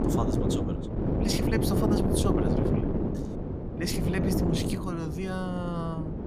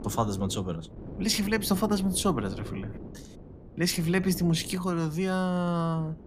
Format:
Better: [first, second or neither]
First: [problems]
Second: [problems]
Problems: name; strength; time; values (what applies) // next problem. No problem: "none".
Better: second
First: wind noise on the microphone; heavy; 2 dB above the speech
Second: wind noise on the microphone; occasional gusts; 15 dB below the speech